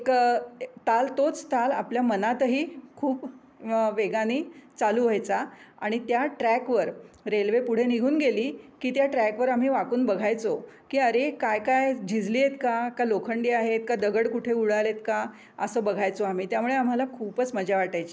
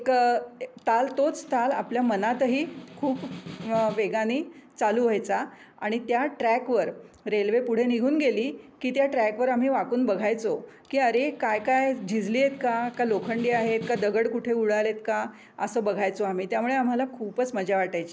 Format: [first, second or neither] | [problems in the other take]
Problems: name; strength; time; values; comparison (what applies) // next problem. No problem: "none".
first | background sound (Snare drum); 18 dB below the speech